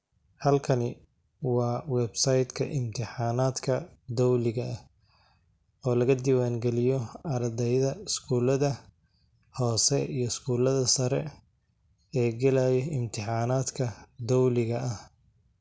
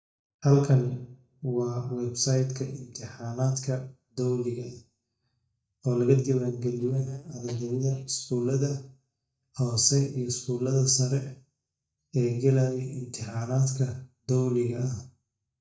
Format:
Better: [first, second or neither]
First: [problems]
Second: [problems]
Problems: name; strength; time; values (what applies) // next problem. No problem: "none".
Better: first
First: none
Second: noise reduction (neural mask model DeepFilterNet 3)